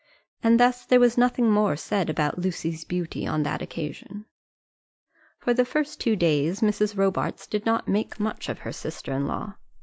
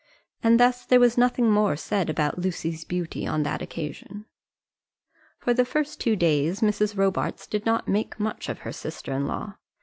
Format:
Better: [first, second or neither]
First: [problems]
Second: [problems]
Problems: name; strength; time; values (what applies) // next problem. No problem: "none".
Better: second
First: noise reduction (neural mask model Resemble Enhance denoiser)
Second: none